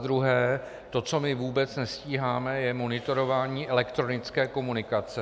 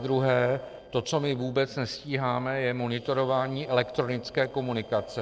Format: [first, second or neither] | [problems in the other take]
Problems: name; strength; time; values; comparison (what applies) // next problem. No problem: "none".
first | noise reduction (neural separator model SepFormer DNS4)